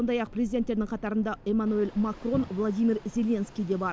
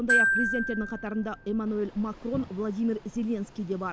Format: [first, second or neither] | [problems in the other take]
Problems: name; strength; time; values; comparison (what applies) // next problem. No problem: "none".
first | background sound (Glockenspiel); as loud as the speech